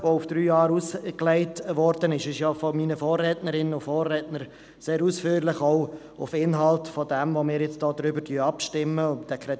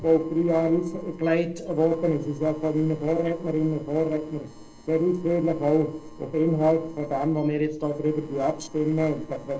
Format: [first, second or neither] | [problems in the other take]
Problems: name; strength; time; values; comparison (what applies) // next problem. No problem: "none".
first | noise reduction (neural separator model SepFormer DNS4)